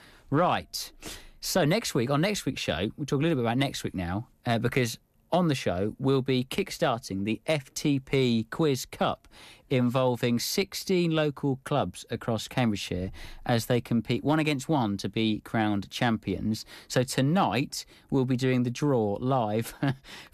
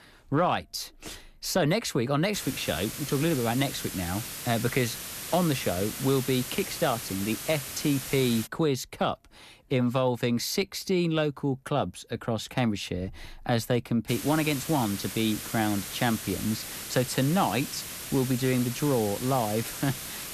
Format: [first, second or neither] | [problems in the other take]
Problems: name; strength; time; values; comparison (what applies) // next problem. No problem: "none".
first | hiss; loud; from 2.5 to 8.5 s and from 14 s on; 7 dB below the speech